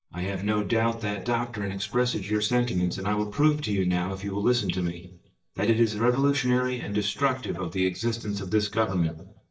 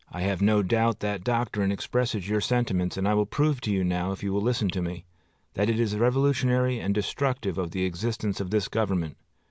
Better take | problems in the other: second | noise reduction (neural mask model DeepFilterNet 3)

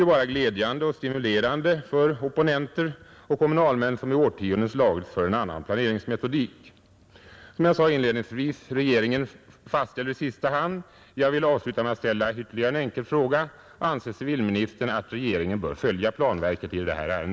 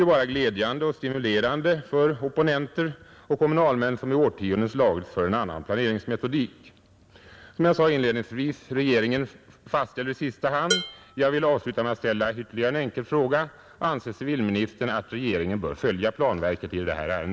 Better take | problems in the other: first | background sound (Dishes, pots, and pans); 7 dB below the speech

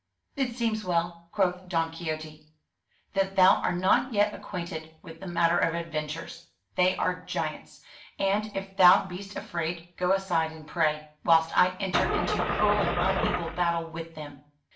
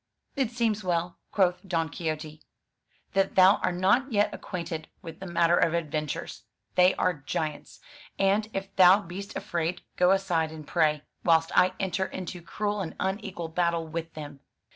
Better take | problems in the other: second | background sound (Engine starting / Car); as loud as the speech // room echo; dies away in 0.4 s

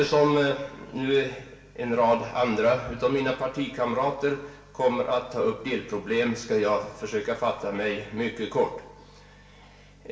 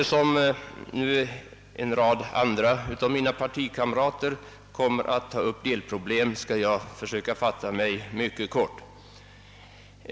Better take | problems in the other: second | room echo; dies away in 0.7 s

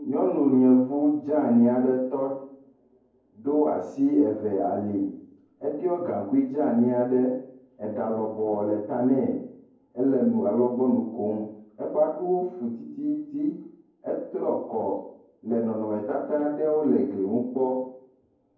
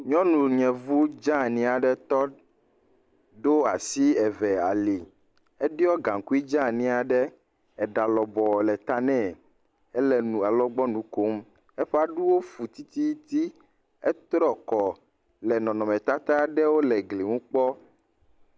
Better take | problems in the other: second | room echo; dies away in 0.9 s

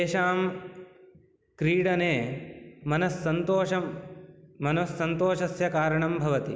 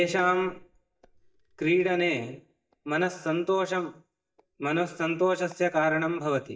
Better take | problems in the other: first | noise reduction (neural mask model DeepFilterNet 3)

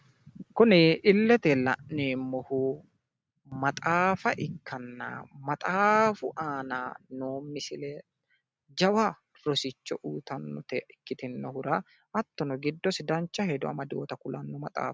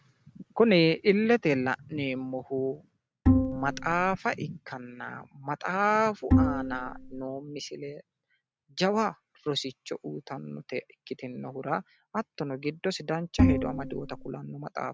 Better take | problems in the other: first | background sound (Bowed string instrument); 4 dB above the speech

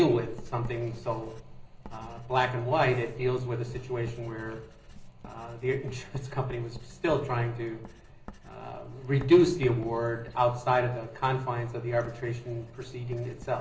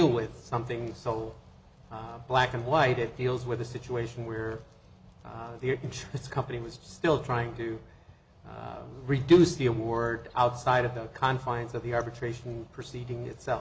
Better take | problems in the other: second | background sound (Writing); 17 dB below the speech // room echo; dies away in 0.5 s

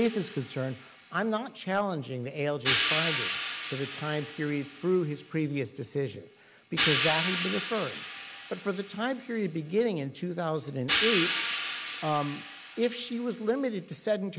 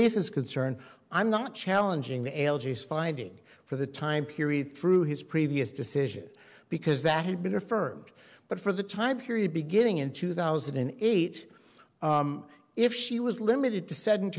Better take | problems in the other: second | background sound (Hi-hat); 4 dB below the speech

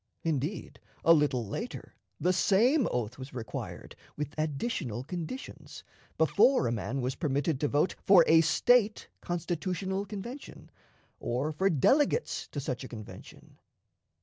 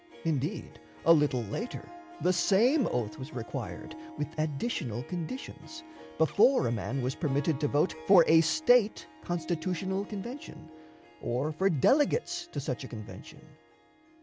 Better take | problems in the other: first | background sound (Harp); 18 dB below the speech

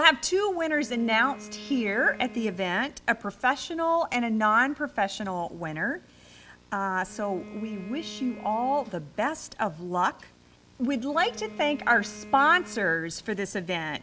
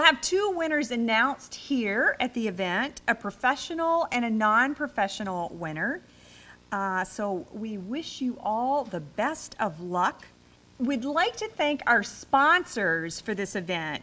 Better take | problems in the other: second | background sound (Bowed string instrument); 18 dB below the speech

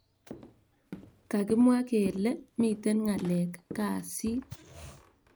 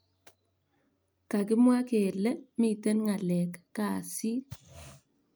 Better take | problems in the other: second | background sound (Walk, footsteps); 16 dB below the speech

